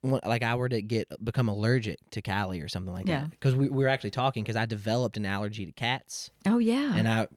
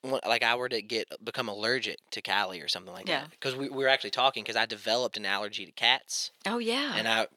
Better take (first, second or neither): first